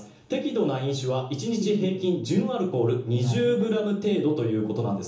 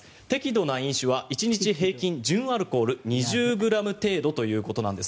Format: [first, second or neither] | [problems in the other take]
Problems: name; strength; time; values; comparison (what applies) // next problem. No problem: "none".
second | room echo; dies away in 1.2 s